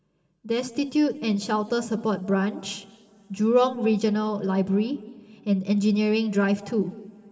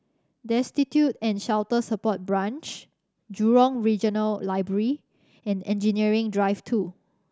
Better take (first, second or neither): second